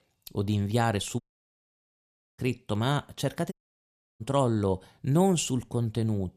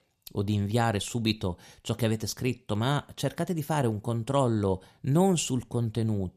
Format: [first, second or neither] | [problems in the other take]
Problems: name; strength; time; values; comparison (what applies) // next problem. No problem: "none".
second | audio cutting out; at 1 s for 1 s and at 3.5 s for 0.5 s